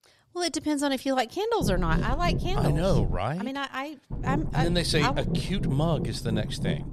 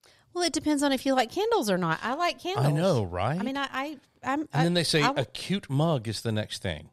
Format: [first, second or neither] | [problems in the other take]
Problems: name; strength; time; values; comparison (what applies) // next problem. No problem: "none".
second | low rumble; loud; from 1.5 to 3 s and from 4 s on; 10 dB below the speech